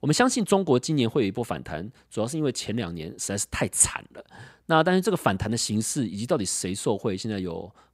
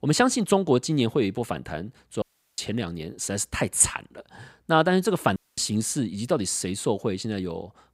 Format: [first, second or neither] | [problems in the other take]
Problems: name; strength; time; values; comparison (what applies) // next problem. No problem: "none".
first | audio cutting out; at 2 s and at 5.5 s